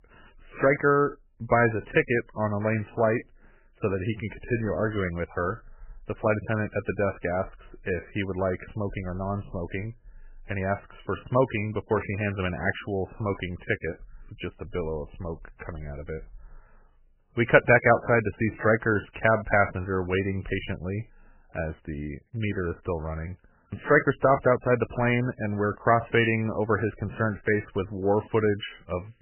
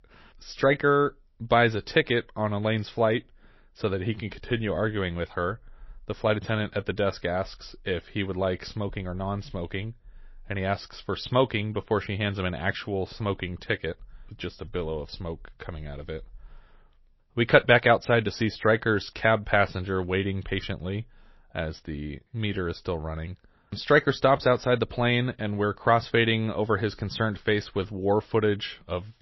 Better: second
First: garbled, watery; badly; nothing above 2.5 kHz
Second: garbled, watery; slightly; nothing above 5.5 kHz

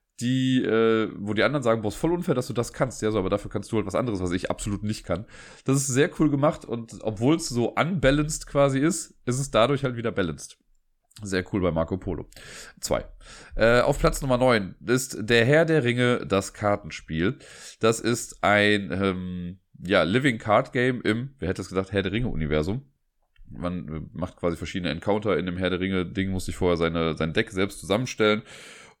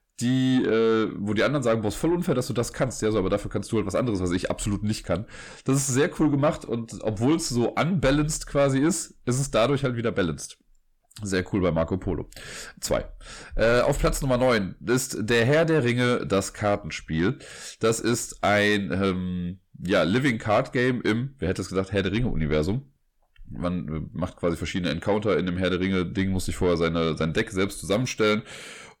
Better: first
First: none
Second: distortion; slight; 10 dB below the speech

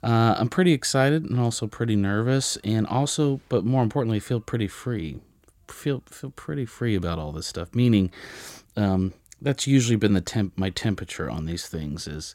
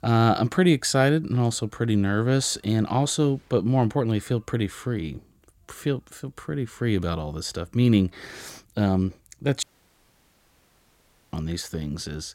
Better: first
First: none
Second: audio cutting out; at 9.5 s for 1.5 s

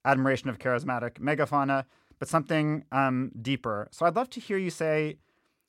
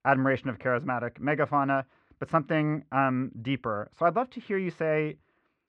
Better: first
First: none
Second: muffled; very; fading above 2 kHz

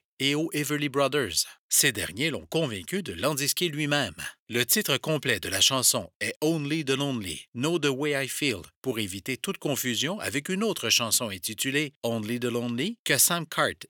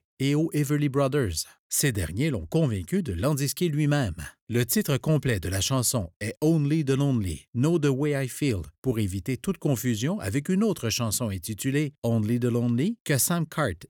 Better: second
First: thin; somewhat; fading below 1 kHz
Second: none

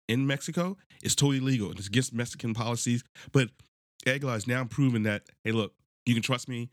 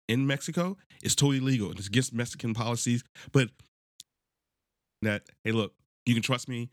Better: first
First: none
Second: audio cutting out; at 4 s for 1 s

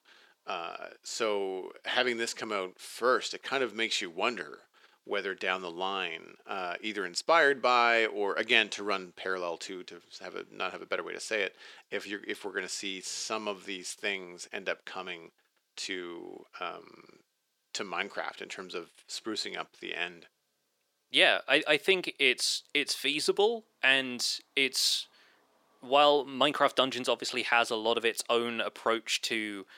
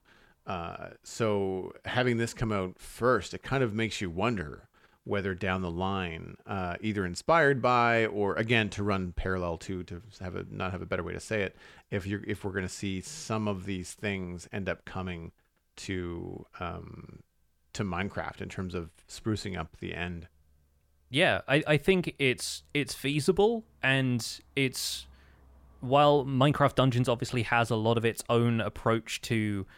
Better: second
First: thin; somewhat; fading below 300 Hz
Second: none

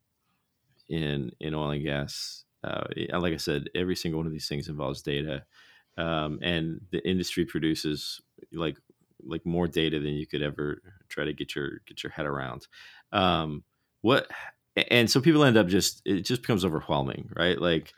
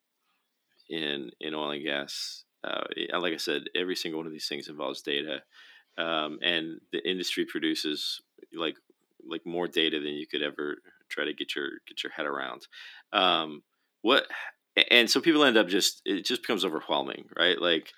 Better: first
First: none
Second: thin; somewhat; fading below 250 Hz

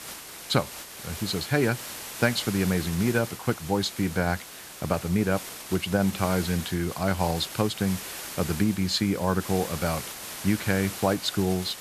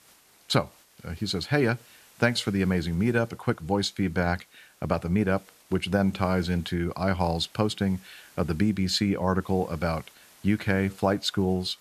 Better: second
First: hiss; loud; throughout; 10 dB below the speech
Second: hiss; faint; throughout; 25 dB below the speech

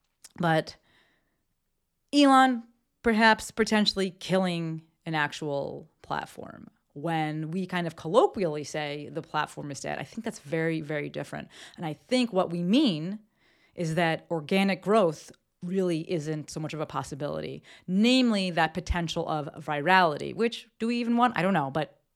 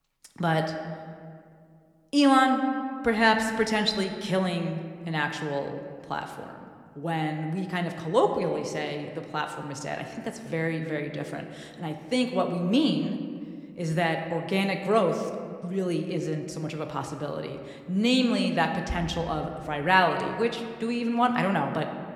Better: first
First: none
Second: room echo; slight; dies away in 1.6 s

